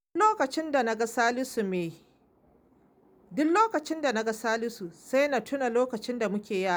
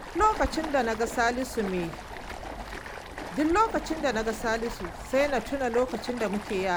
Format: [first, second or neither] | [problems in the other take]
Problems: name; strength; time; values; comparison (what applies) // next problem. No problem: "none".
first | background sound (Stream); 9 dB below the speech